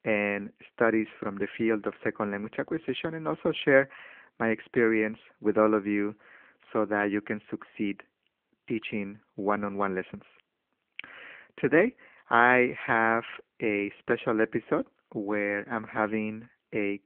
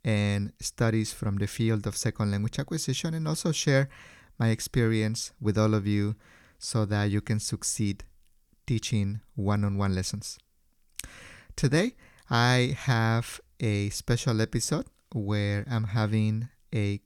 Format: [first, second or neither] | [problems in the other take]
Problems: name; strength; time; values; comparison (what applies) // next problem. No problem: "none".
second | phone-call audio; nothing above 3.5 kHz